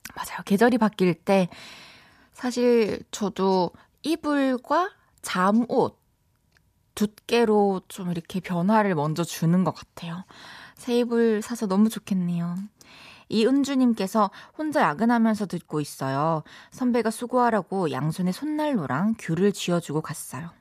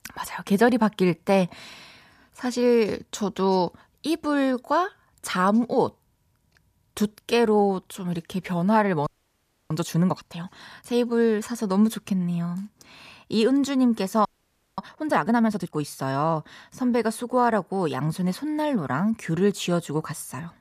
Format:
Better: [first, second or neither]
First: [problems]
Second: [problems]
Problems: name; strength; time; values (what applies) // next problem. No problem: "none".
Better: first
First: none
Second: audio freezing; at 9 s for 0.5 s and at 14 s for 0.5 s